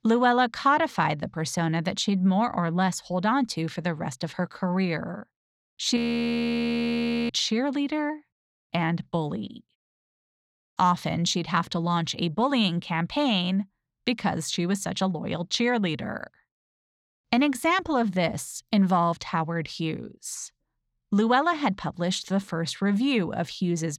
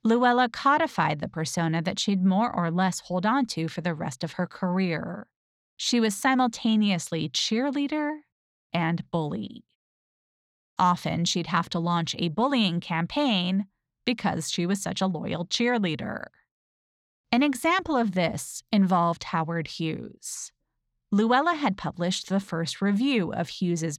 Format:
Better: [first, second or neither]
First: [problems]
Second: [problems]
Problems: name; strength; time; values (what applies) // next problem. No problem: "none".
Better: second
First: audio freezing; at 6 s for 1.5 s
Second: none